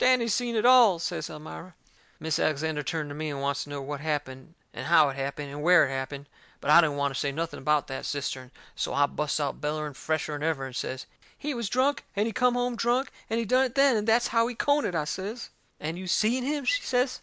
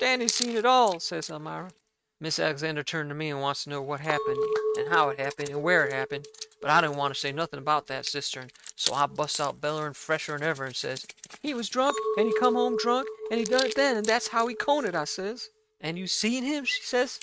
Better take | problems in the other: first | noise reduction (neural mask model RNNoise)

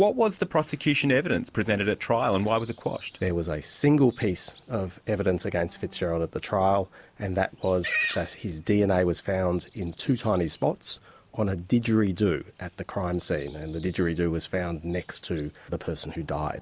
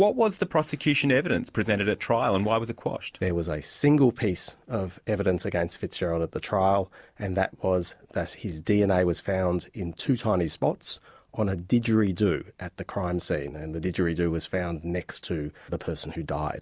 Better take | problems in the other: second | background sound (Livestock, farm animals, working animals); 17 dB below the speech

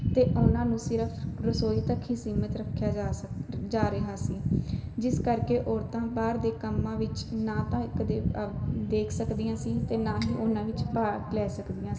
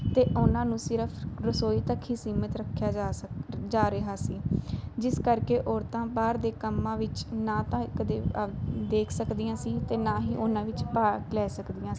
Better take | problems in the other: second | background sound (Cutlery, silverware); 19 dB below the speech // room echo; dies away in 1.4 s

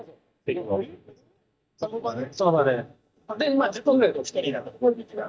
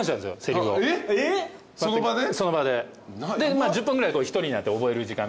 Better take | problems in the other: second | noise reduction (neural mask model DeepFilterNet 3)

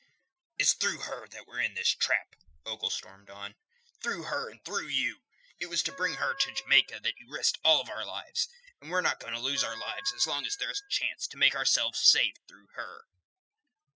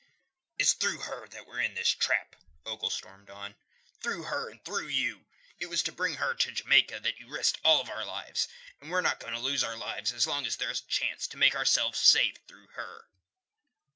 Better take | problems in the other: second | noise reduction (classical method spectral subtraction)

